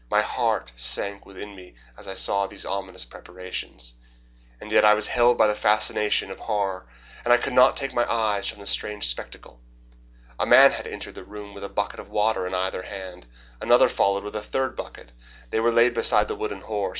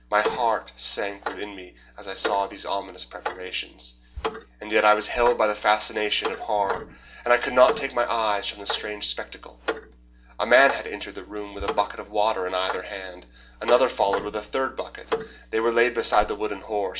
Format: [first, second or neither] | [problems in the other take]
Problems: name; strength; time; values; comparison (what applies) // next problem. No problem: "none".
first | background sound (Clock); 11 dB below the speech // room echo; dies away in 0.5 s